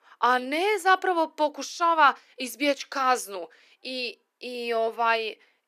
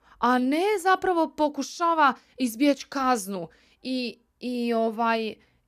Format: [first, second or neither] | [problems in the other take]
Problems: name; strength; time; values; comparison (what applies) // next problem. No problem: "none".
second | thin; somewhat; fading below 350 Hz